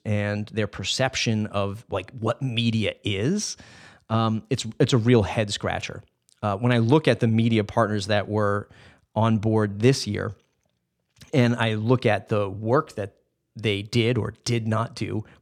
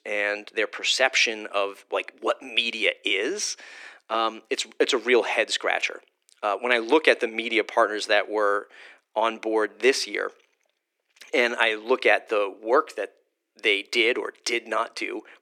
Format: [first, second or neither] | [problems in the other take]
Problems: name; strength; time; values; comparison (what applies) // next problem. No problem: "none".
first | thin; very; fading below 350 Hz